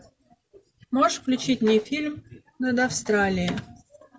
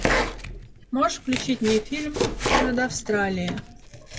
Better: first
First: none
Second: background sound (Domestic sounds, home sounds); 1 dB below the speech

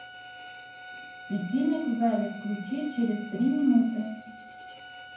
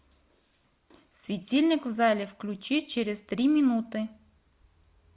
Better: second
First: background sound (Bowed string instrument); 16 dB below the speech // room echo; dies away in 0.9 s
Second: none

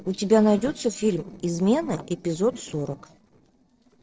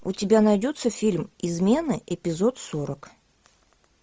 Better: second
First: noise reduction (neural separator model SepFormer DNS4)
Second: none

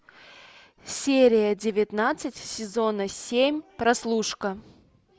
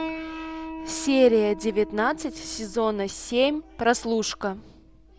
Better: first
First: none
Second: background sound (Piano); 13 dB below the speech

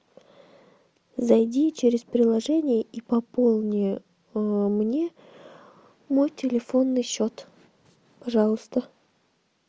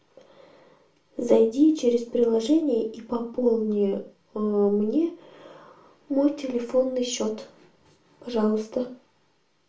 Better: first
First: none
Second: room echo; dies away in 0.3 s

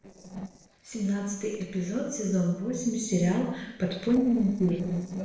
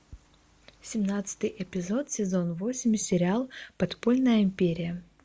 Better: second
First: noise reduction (neural separator model SepFormer DNS4)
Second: none

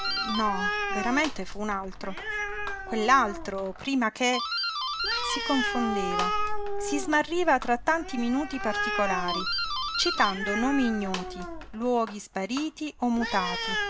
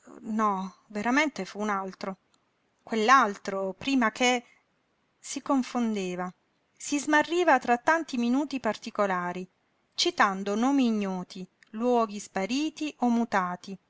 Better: second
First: background sound (Animal + Doorbell); 2 dB below the speech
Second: none

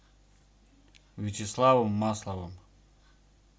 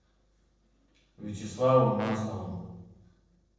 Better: first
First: none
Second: noise reduction (neural separator model SepFormer DNS4)

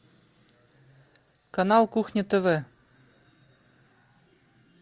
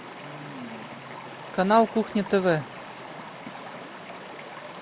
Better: first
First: none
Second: background sound (Stream); 11 dB below the speech

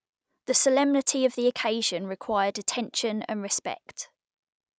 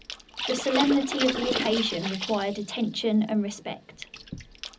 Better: first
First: none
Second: background sound (Water / Splash, splatter); 6 dB below the speech // room echo; dies away in 0.4 s

